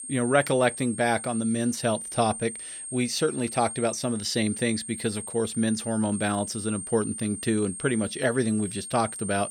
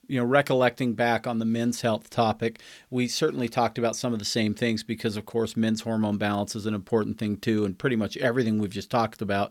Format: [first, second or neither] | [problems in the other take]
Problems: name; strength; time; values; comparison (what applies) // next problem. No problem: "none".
second | high-pitched whine; loud; throughout; 8.5 kHz, 8 dB below the speech